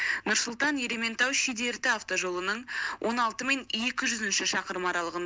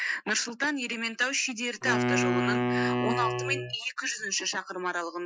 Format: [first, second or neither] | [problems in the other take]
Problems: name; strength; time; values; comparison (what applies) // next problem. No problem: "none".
first | noise reduction (classical method Wiener filter)